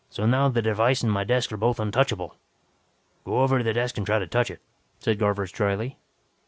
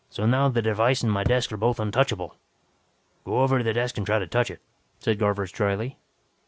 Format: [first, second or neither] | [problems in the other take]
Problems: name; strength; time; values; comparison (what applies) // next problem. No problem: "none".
first | background sound (Thump, thud); 7 dB below the speech